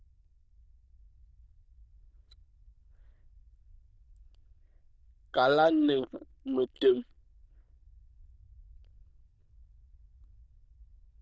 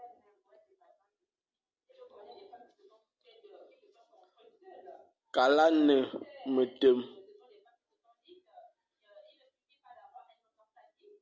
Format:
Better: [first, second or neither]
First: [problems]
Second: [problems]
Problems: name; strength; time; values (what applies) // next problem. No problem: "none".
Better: second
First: noise reduction (neural diffusion model UNIVERSE++)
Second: none